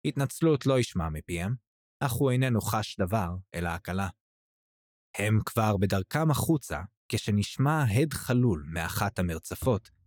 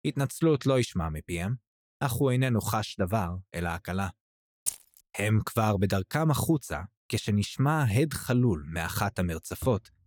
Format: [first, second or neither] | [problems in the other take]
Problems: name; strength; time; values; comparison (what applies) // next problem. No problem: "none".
first | jangling keys; noticeable; at 4.5 s; peak 4 dB below the speech